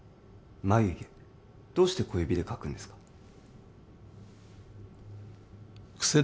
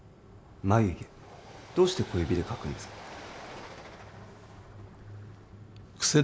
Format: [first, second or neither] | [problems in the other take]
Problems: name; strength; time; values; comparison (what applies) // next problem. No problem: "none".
first | background sound (Train); 17 dB below the speech